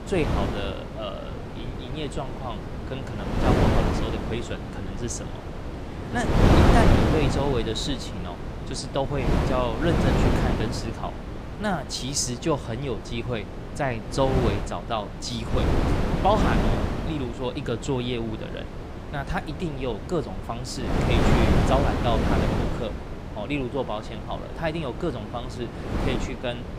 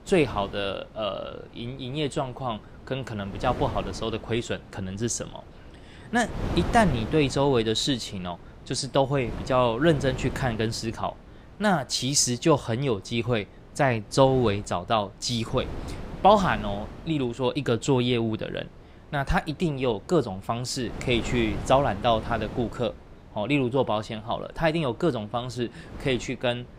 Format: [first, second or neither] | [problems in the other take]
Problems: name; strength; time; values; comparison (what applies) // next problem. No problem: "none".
second | wind noise on the microphone; heavy; 1 dB below the speech; occasional gusts in the second